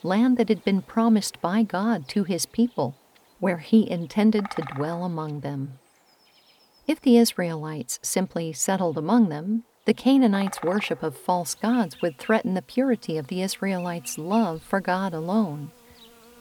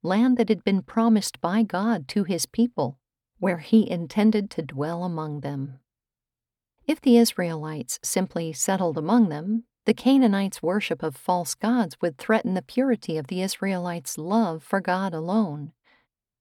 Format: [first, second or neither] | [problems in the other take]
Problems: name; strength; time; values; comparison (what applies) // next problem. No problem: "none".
second | animal sounds; faint; throughout; 20 dB below the speech